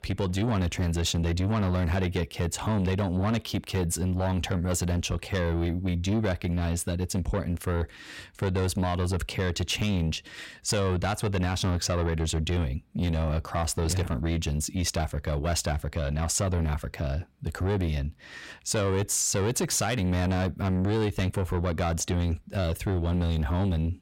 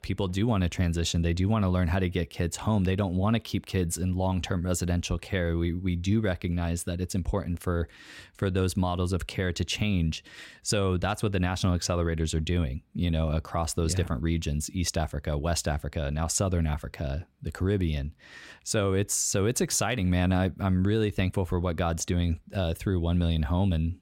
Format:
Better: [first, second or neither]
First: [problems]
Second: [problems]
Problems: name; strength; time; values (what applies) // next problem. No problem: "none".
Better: second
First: distortion; slight; 10 dB below the speech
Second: none